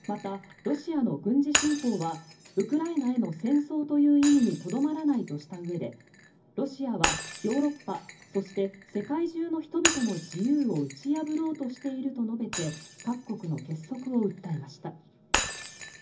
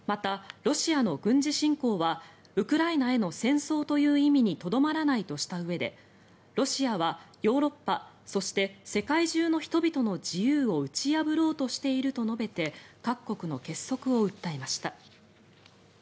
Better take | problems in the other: second | background sound (Shatter); 8 dB below the speech // room echo; dies away in 0.4 s

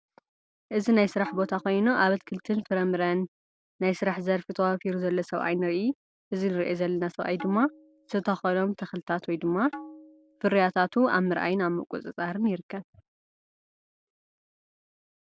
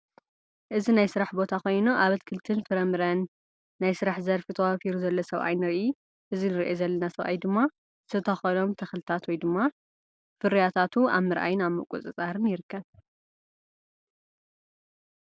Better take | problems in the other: second | background sound (Tabla); 18 dB below the speech

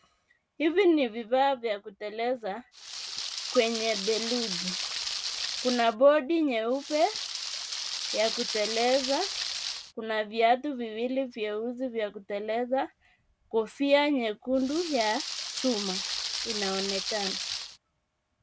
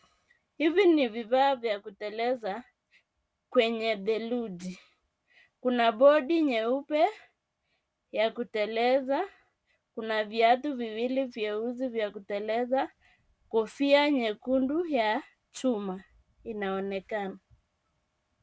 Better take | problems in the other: second | background sound (Rain); 5 dB below the speech

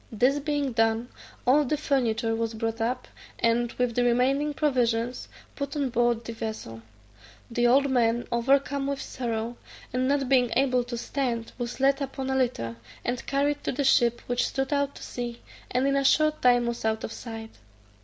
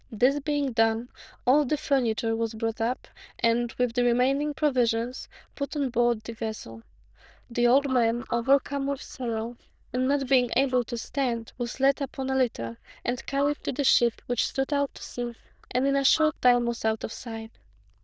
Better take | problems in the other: first | noise reduction (neural diffusion model UNIVERSE++)

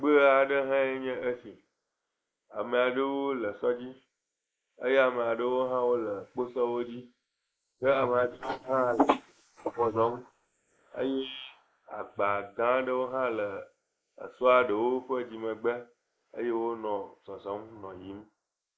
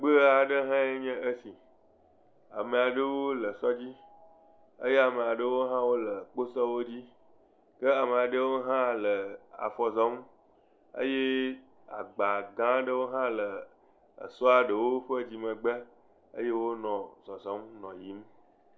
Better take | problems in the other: second | noise reduction (neural mask model Resemble Enhance denoiser)

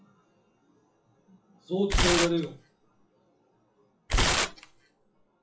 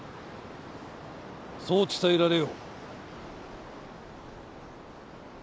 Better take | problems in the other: second | noise reduction (classical method WPE with log-MMSE)

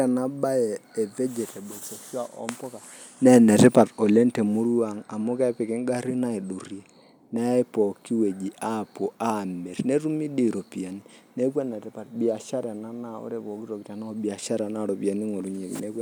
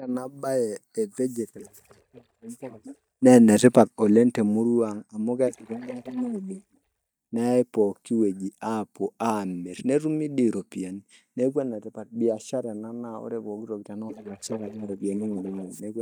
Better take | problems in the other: first | noise reduction (neural mask model DeepFilterNet 3)

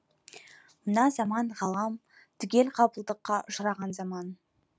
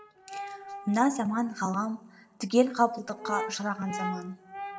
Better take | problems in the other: first | background sound (Brass instrument); 11 dB below the speech // room echo; dies away in 1.6 s

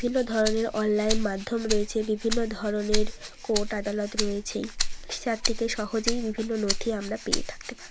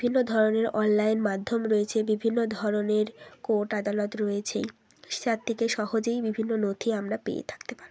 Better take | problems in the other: second | background sound (Rattle (instrument)); 2 dB below the speech

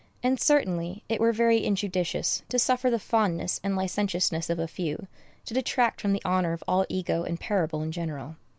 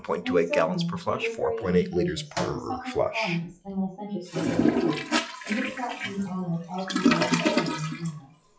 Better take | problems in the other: first | noise reduction (classical method WPE with log-MMSE)

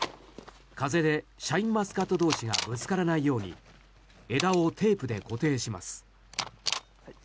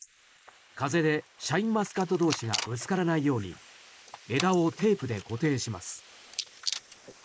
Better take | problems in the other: first | noise reduction (neural mask model Resemble Enhance denoiser)

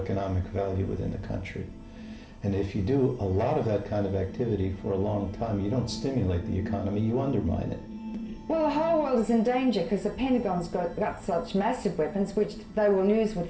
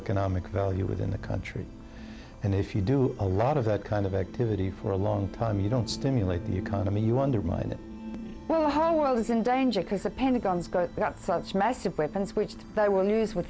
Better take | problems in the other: second | room echo; dies away in 0.5 s

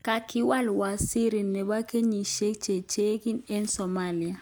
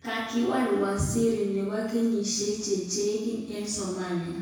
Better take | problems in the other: first | room echo; dies away in 1 s

